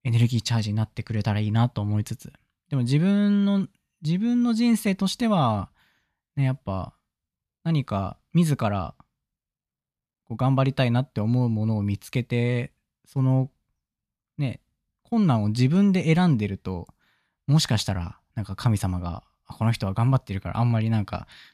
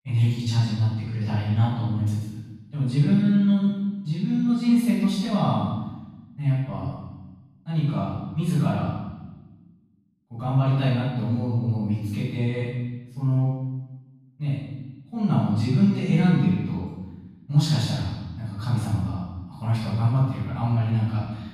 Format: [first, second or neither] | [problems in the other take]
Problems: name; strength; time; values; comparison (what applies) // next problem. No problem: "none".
first | off-mic speech; far // room echo; strong; dies away in 1.2 s